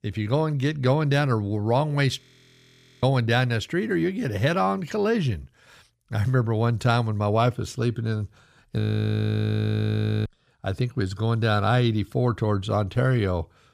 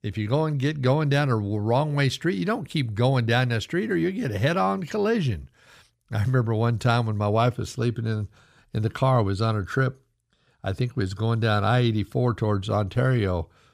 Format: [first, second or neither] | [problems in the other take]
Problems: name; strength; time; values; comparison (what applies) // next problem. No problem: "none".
second | audio freezing; at 2 s for 1 s and at 9 s for 1.5 s